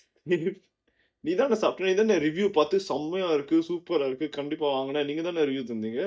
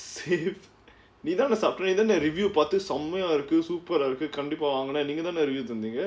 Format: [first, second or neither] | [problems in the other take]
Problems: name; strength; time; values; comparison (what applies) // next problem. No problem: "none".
second | noise reduction (neural mask model DeepFilterNet 3)